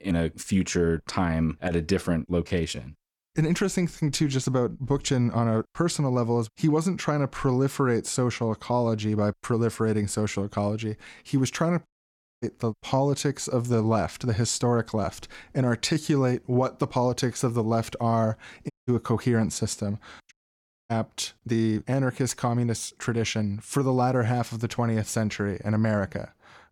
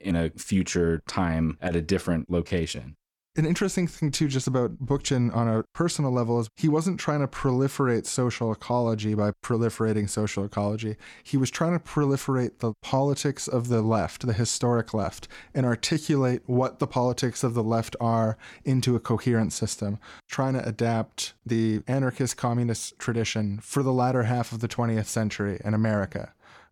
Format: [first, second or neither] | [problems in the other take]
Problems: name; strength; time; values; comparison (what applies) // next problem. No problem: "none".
second | audio cutting out; at 12 s for 0.5 s, at 19 s and at 20 s for 0.5 s